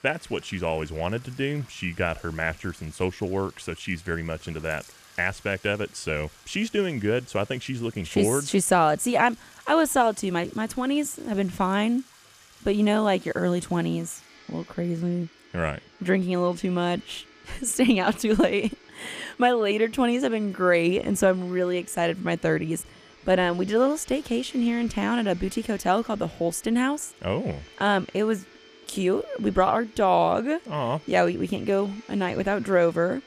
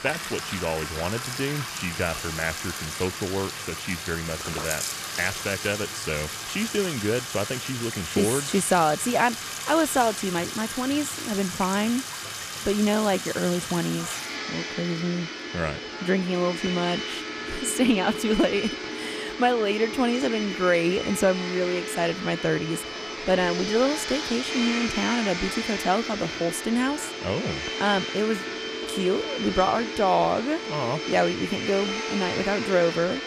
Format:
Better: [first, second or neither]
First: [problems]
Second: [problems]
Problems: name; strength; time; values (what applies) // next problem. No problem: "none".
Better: first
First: household noises; faint; throughout; 25 dB below the speech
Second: household noises; loud; throughout; 5 dB below the speech